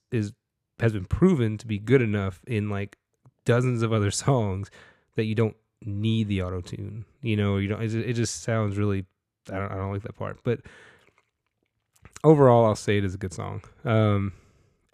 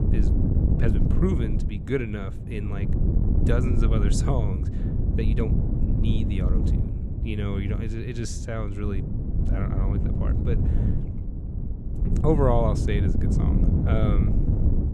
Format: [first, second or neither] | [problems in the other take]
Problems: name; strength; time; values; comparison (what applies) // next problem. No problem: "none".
first | wind noise on the microphone; heavy; 4 dB below the speech